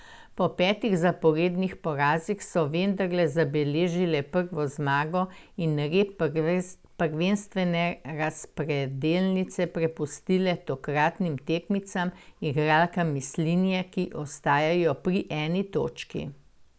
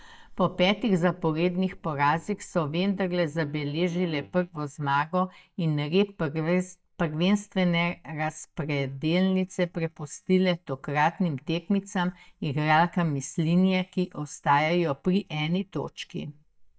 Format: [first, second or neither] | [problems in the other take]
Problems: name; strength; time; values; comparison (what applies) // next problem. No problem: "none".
first | noise reduction (neural mask model DeepFilterNet 3)